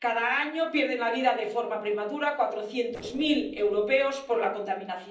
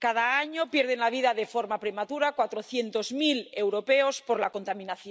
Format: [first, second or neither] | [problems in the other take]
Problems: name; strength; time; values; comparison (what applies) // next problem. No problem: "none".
second | noise reduction (neural separator model SepFormer DNS4)